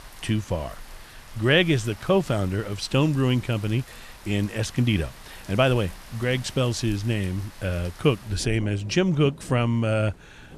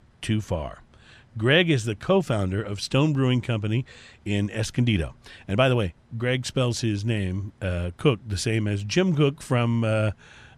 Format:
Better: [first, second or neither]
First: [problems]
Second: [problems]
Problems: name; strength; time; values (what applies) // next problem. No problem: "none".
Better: second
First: rain or running water; noticeable; throughout; 20 dB below the speech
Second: none